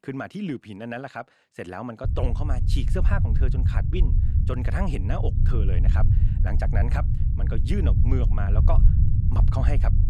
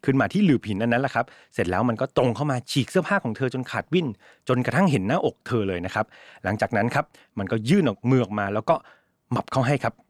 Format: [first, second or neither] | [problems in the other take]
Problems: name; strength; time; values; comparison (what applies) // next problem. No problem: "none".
second | low rumble; loud; from 2 s on; 5 dB below the speech